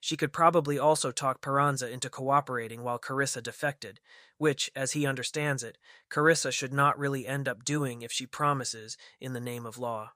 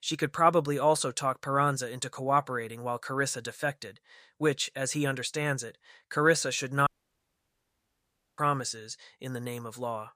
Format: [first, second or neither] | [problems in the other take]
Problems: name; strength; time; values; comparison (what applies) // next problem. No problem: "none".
first | audio cutting out; at 7 s for 1.5 s